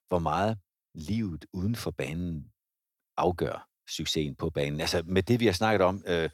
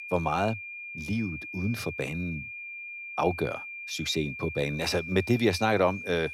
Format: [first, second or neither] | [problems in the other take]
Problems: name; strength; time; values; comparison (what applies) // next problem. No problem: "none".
first | high-pitched whine; loud; throughout; 2.5 kHz, 8 dB below the speech